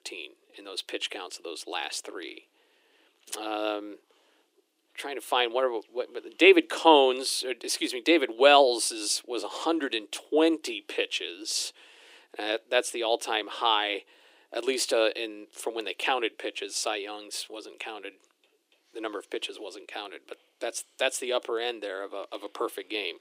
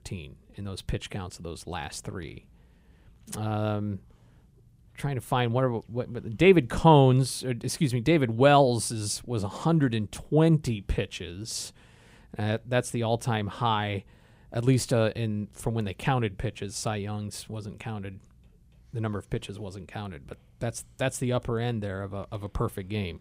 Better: second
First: thin; very; fading below 300 Hz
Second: none

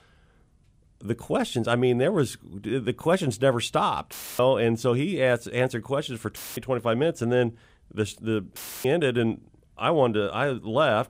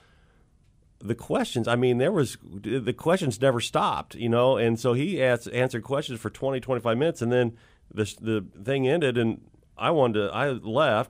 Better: second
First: audio cutting out; filled with static; at 4 s, at 6.5 s and at 8.5 s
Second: none

